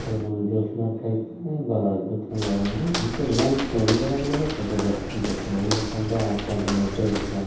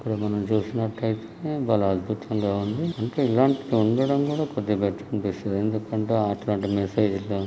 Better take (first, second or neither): second